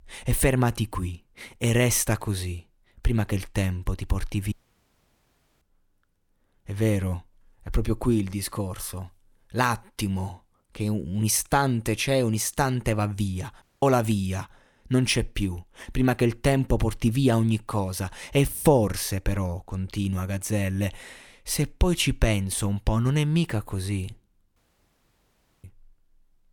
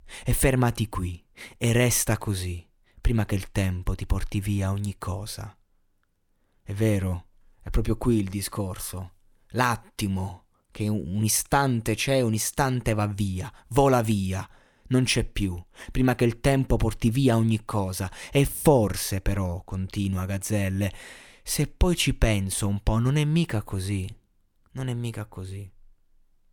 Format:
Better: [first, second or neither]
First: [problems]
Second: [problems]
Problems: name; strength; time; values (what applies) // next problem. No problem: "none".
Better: second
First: audio cutting out; at 4.5 s for 1 s, at 14 s and at 25 s for 1 s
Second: none